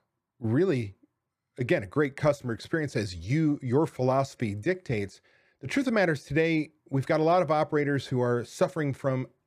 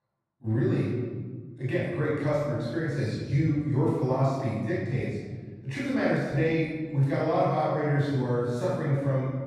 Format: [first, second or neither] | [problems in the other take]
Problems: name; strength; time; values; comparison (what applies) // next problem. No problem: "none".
first | off-mic speech; far // room echo; strong; dies away in 1.6 s